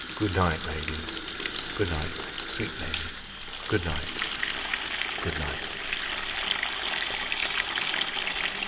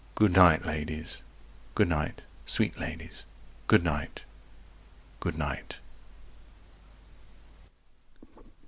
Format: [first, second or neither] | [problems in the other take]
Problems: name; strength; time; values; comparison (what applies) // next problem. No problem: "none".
second | background sound (Water tap, faucet); 2 dB above the speech // room echo; dies away in 2 s